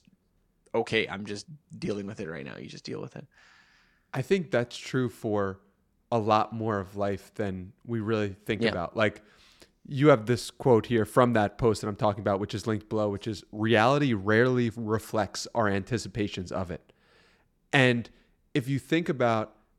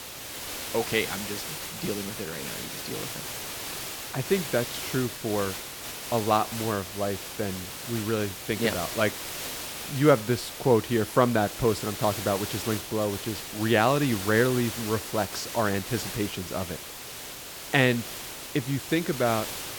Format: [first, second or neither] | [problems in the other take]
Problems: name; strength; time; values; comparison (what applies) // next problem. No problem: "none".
first | hiss; loud; throughout; 7 dB below the speech